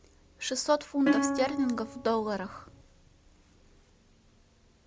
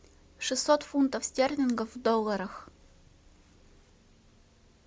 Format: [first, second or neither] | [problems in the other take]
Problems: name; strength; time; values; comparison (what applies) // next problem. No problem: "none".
second | background sound (Plucked string instrument); 1 dB above the speech